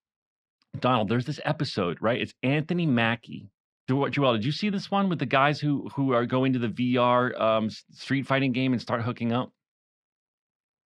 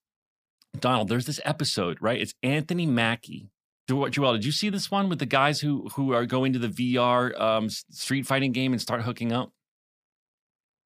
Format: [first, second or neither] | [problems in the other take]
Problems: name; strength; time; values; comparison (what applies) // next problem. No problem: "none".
second | muffled; slightly; fading above 3 kHz